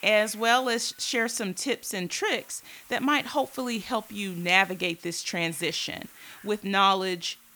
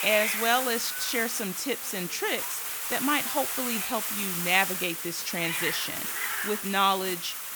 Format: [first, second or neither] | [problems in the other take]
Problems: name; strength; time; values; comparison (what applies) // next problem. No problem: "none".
first | hiss; loud; throughout; 1 dB below the speech; faint in the first